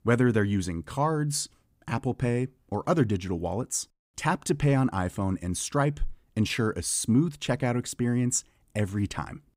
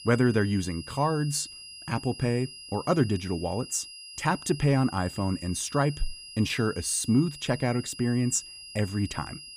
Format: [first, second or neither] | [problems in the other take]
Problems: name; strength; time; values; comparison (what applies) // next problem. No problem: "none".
first | high-pitched whine; noticeable; throughout; 5 kHz, 15 dB below the speech